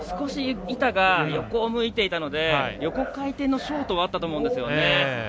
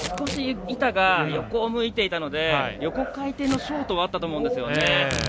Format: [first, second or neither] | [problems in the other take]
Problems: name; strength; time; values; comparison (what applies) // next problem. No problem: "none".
first | background sound (Packing tape, duct tape / Tearing); 14 dB below the speech